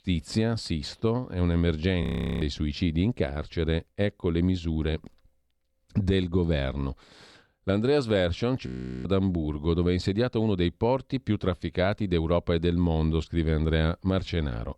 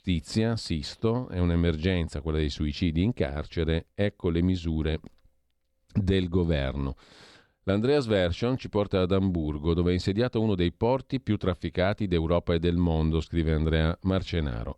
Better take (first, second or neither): second